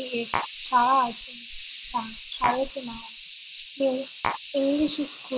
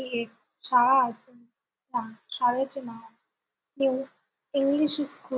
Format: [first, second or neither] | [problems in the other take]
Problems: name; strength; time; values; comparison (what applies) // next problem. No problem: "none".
second | background sound (Tap + Hiss); 8 dB below the speech